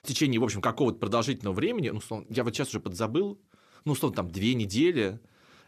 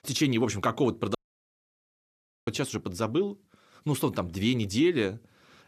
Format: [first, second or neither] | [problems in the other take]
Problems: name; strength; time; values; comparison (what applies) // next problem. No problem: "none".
first | audio cutting out; at 1 s for 1.5 s